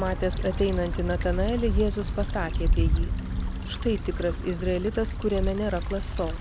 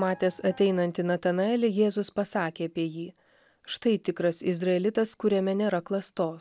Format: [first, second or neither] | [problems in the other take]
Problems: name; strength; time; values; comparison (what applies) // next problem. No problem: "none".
second | background sound (Stream / Trickle, dribble / Traffic noise, roadway noise); 1 dB above the speech